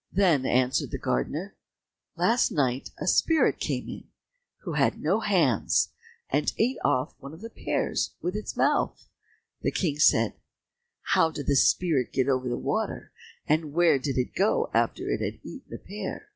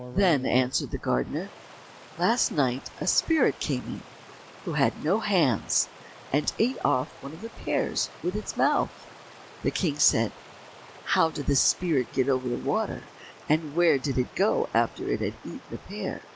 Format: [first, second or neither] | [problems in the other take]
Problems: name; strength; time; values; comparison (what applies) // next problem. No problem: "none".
first | background sound (Stream); 18 dB below the speech